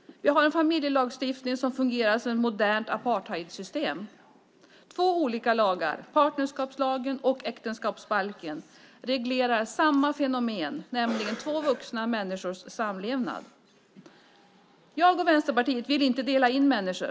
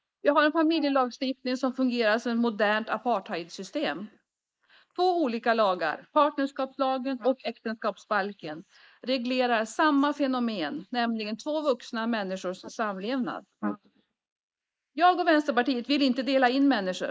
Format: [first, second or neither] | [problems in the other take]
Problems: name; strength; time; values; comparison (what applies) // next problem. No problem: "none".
first | noise reduction (neural mask model Resemble Enhance denoiser)